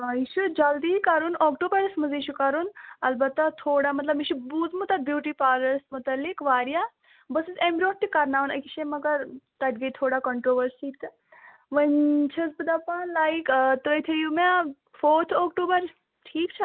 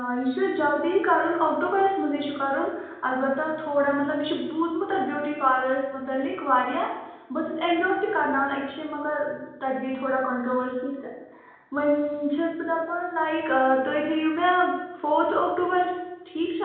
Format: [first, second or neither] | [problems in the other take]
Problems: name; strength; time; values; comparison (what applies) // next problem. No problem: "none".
first | room echo; dies away in 1 s